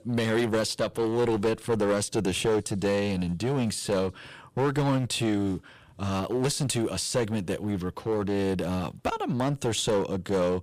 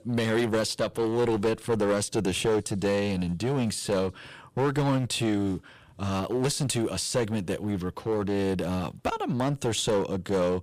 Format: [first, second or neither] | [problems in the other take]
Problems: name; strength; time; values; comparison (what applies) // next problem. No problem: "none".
neither | distortion; heavy; 10% of the sound clipped; the same in both